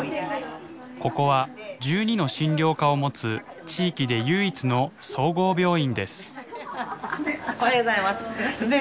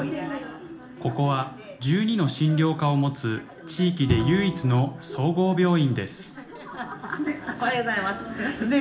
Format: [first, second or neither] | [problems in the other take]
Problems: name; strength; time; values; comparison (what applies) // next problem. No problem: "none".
first | background sound (Bowed string instrument); 9 dB below the speech // room echo; dies away in 0.4 s